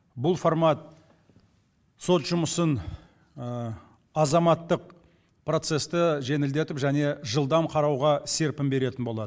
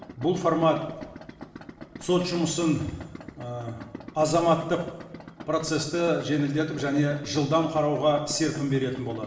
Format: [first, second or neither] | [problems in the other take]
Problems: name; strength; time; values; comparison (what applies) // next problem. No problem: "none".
first | background sound (Idling); 16 dB below the speech // room echo; dies away in 1 s